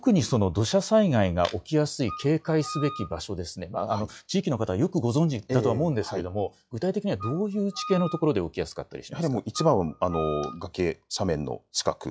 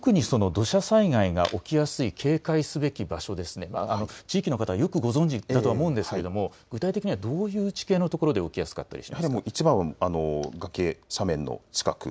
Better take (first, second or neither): second